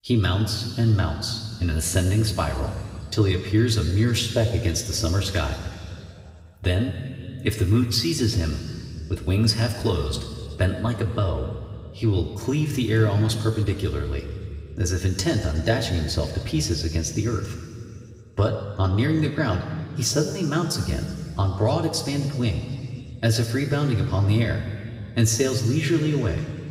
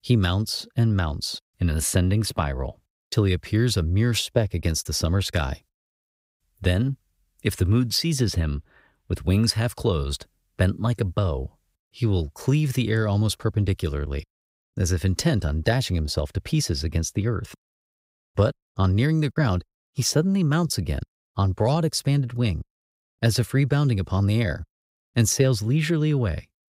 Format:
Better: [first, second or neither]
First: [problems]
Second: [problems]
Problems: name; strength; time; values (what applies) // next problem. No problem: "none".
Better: second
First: room echo; noticeable; dies away in 2.3 s // off-mic speech; somewhat distant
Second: none